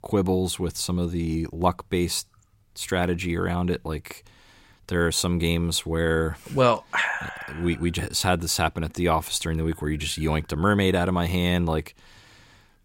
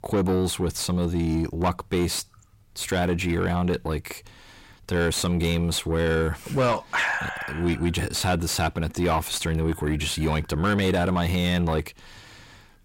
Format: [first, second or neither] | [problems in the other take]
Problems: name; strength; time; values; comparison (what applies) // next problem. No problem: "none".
first | distortion; slight; 10 dB below the speech